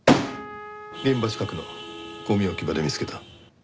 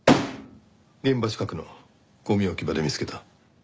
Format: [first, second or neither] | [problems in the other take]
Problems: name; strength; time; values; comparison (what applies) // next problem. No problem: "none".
second | background sound (Vehicle horn, car horn, honking + Trumpet); 14 dB below the speech